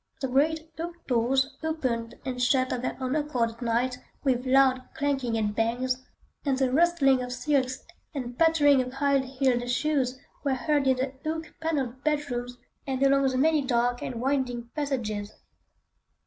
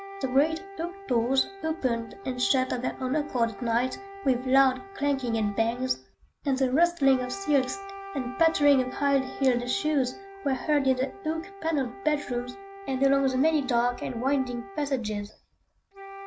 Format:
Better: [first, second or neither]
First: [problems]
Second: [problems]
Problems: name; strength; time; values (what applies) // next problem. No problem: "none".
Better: first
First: none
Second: background sound (Wind instrument, woodwind instrument); 15 dB below the speech